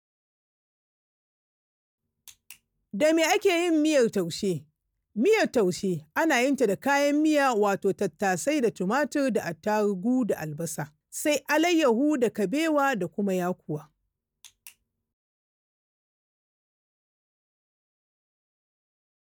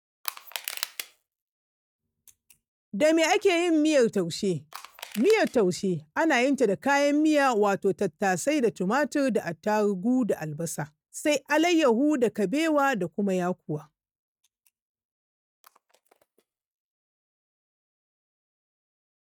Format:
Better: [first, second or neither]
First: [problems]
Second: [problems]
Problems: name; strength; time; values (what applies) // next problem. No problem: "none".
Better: first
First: none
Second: noise reduction (neural mask model RNNoise)